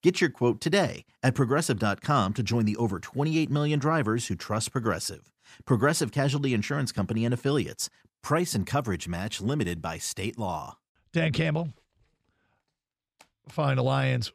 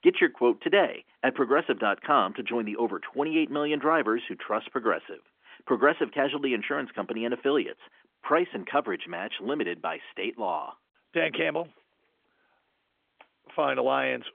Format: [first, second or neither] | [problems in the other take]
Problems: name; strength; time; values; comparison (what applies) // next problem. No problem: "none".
first | phone-call audio; nothing above 3.5 kHz